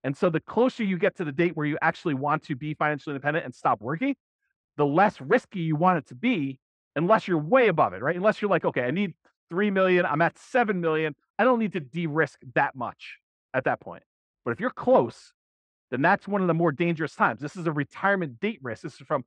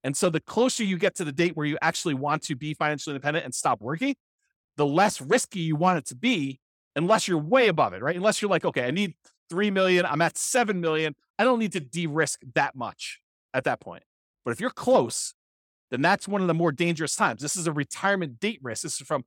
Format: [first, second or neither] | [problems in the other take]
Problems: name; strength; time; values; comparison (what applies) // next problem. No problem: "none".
second | muffled; very; fading above 2 kHz